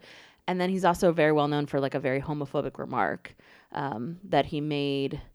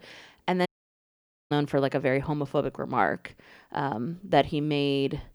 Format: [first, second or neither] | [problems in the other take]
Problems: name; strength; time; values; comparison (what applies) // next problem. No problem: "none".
first | audio cutting out; at 0.5 s for 1 s